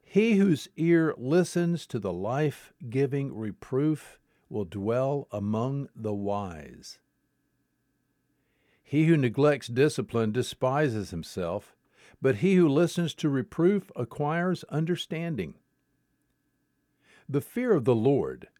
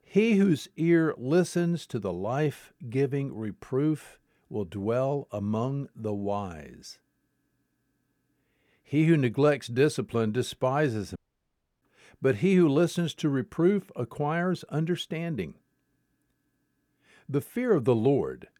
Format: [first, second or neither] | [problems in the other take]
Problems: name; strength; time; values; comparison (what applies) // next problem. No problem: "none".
first | audio cutting out; at 11 s for 0.5 s